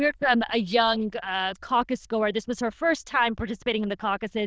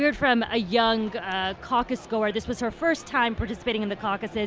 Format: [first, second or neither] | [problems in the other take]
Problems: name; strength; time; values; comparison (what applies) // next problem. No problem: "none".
second | noise reduction (neural diffusion model UNIVERSE++)